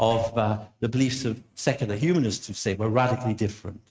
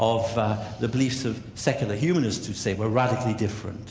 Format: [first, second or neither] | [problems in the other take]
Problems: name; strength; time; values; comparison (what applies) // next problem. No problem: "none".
second | noise reduction (neural mask model RNNoise)